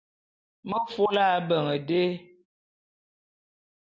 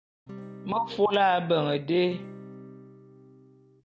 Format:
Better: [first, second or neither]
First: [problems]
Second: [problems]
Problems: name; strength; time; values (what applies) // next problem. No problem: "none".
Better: first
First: none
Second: background sound (Acoustic guitar / Strum); 17 dB below the speech